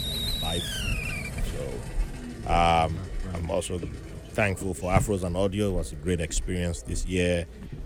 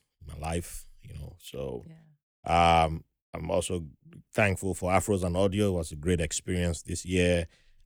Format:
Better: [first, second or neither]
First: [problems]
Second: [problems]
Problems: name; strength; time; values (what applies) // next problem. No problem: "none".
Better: second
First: hiss; loud; throughout; 6 dB below the speech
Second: none